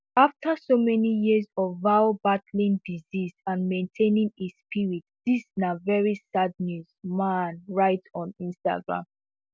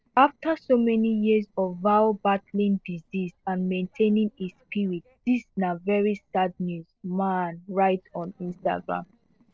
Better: first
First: none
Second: noise reduction (neural separator model SepFormer DNS4)

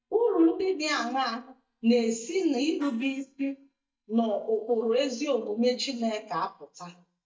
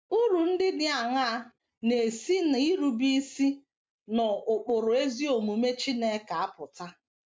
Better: second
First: noise reduction (neural mask model DeepFilterNet 3)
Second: none

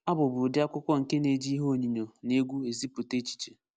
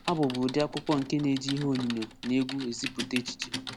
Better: first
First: none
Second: background sound (Typing); 10 dB below the speech

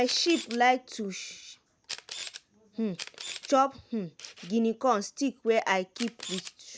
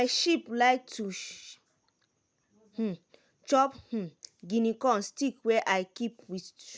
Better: second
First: background sound (Camera); 15 dB below the speech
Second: none

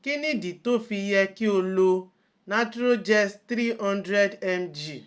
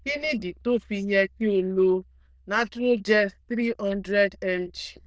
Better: first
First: none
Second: noise reduction (neural diffusion model UNIVERSE++)

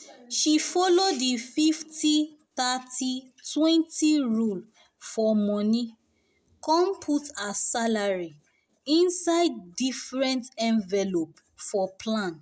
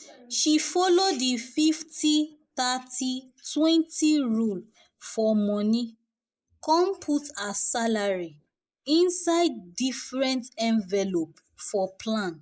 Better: first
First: none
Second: noise reduction (neural mask model Resemble Enhance denoiser)

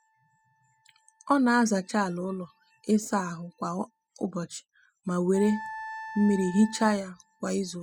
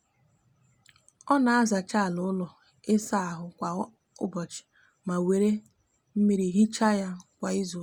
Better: second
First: noise reduction (classical method spectral subtraction)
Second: none

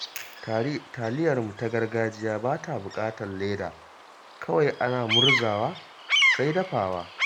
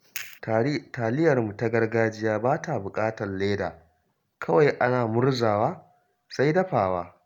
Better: second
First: background sound (Bird vocalization, bird call, bird song); 2 dB below the speech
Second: none

